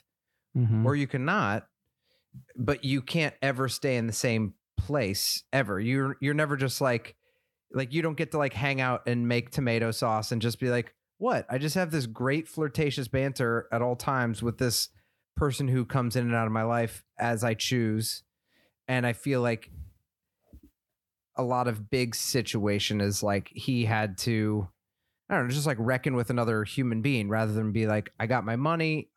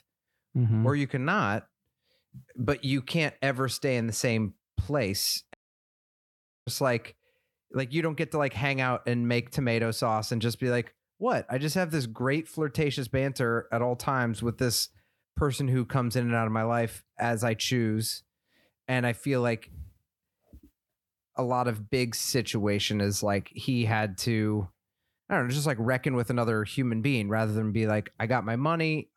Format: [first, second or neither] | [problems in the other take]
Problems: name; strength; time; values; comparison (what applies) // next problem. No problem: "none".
first | audio cutting out; at 5.5 s for 1 s